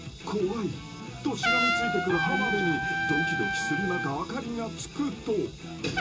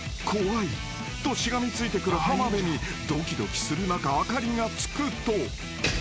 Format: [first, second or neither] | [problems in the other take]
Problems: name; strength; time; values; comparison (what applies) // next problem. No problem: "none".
second | background sound (Trumpet); 1 dB below the speech // room echo; dies away in 0.2 s